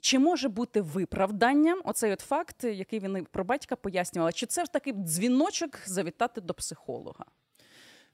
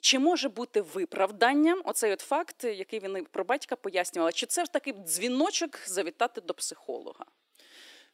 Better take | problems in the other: first | thin; very slightly; fading below 300 Hz

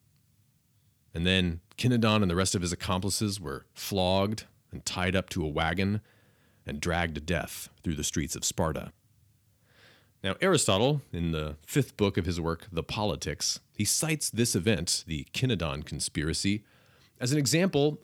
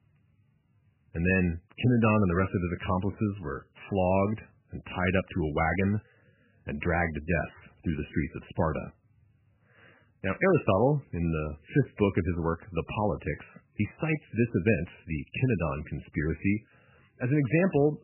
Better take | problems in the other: first | garbled, watery; badly; nothing above 2.5 kHz

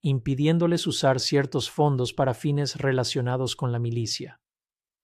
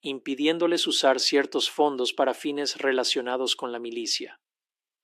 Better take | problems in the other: first | thin; somewhat; fading below 250 Hz

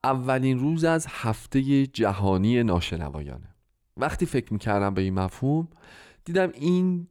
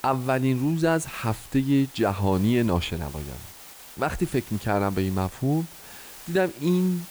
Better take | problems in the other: first | hiss; noticeable; throughout; 15 dB below the speech

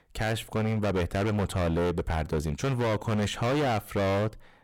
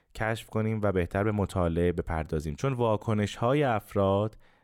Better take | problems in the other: second | distortion; heavy; 26% of the sound clipped

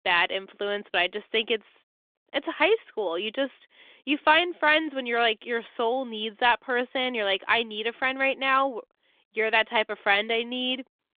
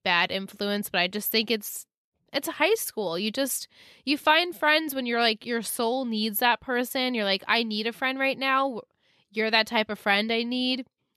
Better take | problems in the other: second | phone-call audio

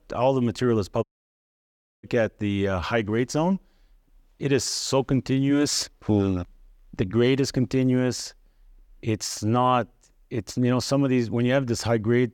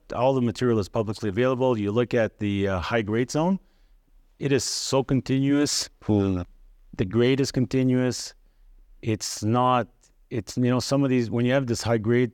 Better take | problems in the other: second | audio cutting out; at 1 s for 1 s

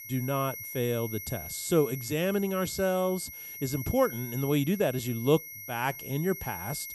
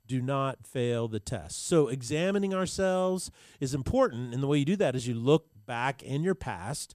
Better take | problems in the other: second | high-pitched whine; loud; throughout; 11.5 kHz, 10 dB below the speech

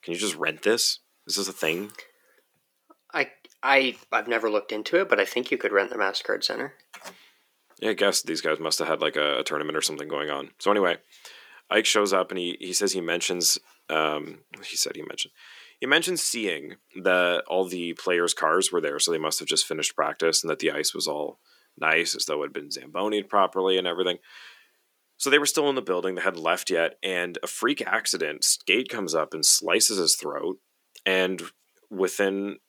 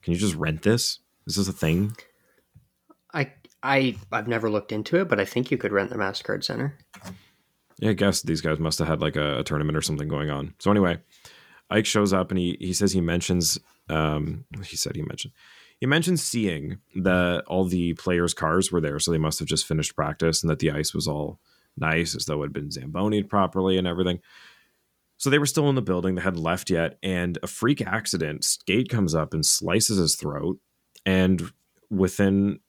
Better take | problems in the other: second | thin; somewhat; fading below 350 Hz

